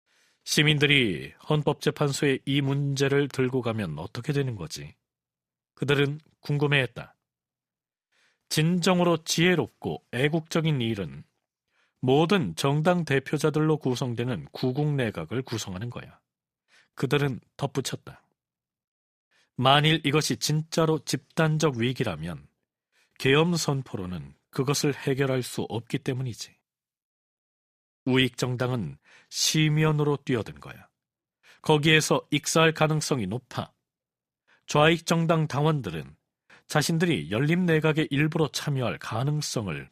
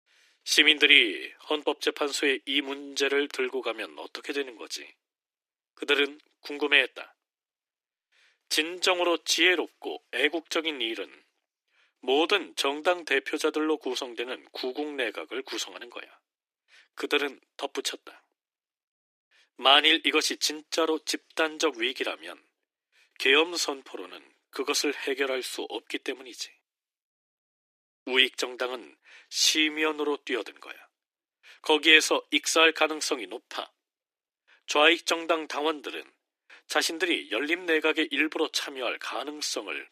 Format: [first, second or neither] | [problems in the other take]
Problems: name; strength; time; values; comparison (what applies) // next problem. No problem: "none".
first | thin; somewhat; fading below 300 Hz